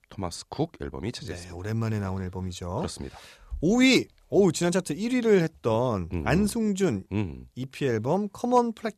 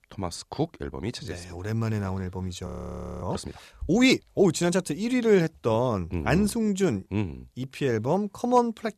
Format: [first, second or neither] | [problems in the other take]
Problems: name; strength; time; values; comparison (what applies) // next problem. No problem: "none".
first | audio freezing; at 2.5 s for 0.5 s